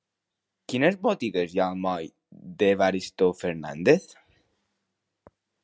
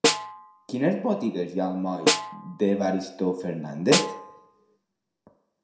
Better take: first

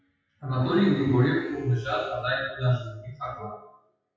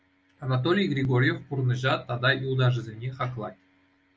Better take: second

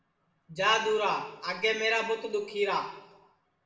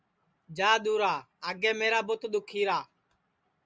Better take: second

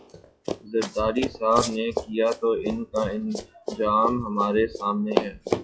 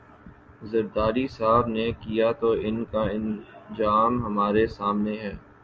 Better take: second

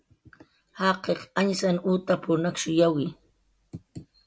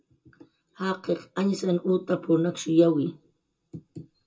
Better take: first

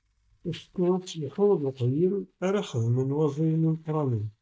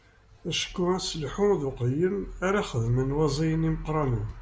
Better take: second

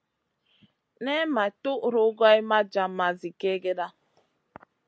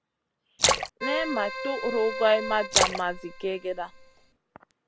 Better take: first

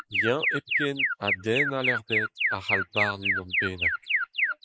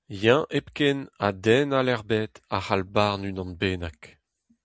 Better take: second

